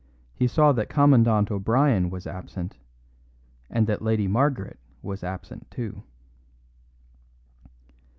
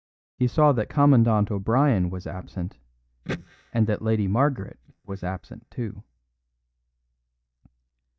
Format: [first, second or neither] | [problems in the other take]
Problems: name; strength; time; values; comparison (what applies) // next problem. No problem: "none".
first | noise reduction (neural mask model DeepFilterNet 3)